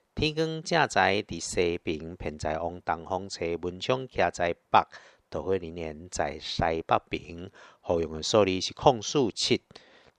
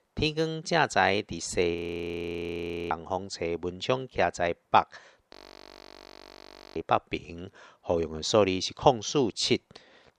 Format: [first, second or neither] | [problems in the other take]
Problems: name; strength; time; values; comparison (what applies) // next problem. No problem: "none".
first | audio freezing; at 2 s for 1 s and at 5.5 s for 1.5 s